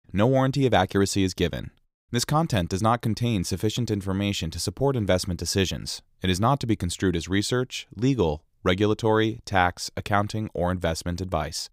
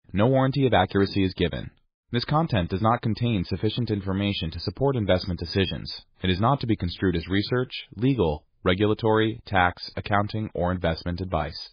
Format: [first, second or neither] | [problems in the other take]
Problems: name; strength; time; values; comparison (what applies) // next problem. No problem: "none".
first | garbled, watery; badly; nothing above 5 kHz